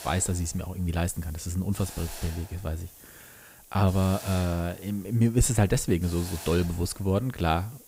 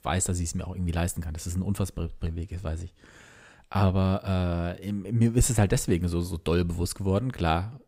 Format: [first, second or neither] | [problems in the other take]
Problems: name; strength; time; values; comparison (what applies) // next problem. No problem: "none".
second | hiss; noticeable; throughout; 15 dB below the speech